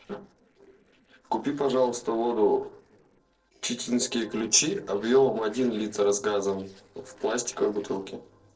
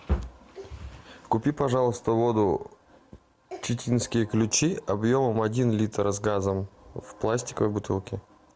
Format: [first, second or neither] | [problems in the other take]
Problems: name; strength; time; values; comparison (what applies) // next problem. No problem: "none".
second | noise reduction (neural separator model SepFormer DNS4)